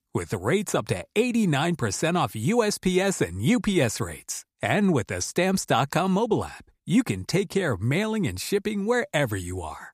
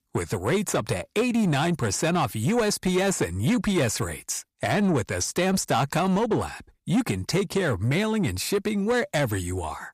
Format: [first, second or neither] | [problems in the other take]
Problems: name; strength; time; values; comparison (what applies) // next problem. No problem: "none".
first | distortion; slight; 10 dB below the speech